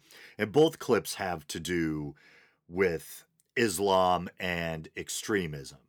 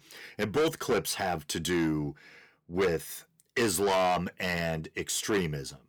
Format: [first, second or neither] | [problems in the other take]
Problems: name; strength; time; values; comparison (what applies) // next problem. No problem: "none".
first | distortion; heavy; 6 dB below the speech